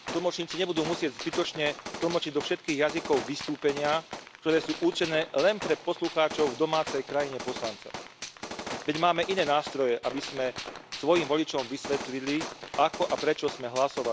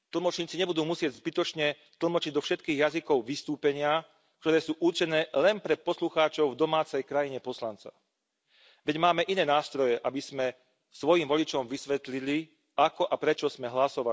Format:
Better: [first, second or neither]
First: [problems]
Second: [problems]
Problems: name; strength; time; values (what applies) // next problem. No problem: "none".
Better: second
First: background sound (Gunshot, gunfire); 11 dB below the speech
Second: none